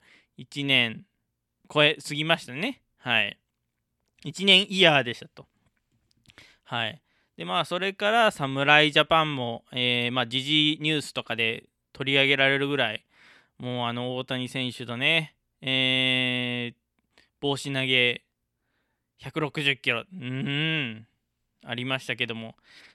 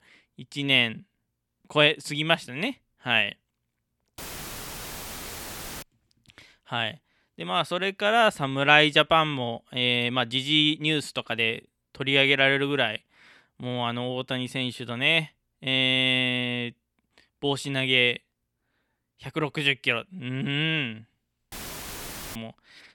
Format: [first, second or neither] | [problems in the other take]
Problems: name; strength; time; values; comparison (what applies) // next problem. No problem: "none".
first | audio cutting out; filled with static; at 4 s for 1.5 s and at 22 s for 1 s